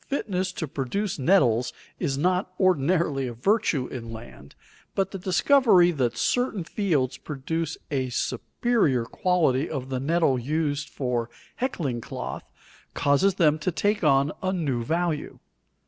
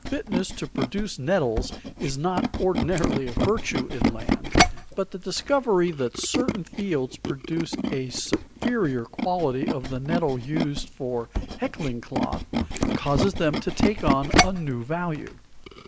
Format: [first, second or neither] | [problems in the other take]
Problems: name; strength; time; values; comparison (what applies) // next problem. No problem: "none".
first | background sound (Tools); as loud as the speech